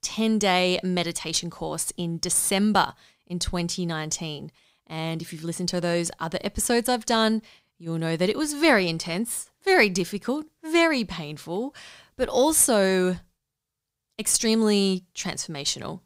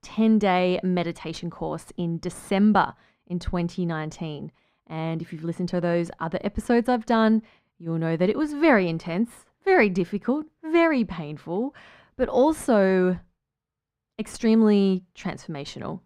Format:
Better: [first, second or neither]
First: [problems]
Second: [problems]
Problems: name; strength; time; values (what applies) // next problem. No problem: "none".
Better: first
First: none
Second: muffled; very; fading above 3.5 kHz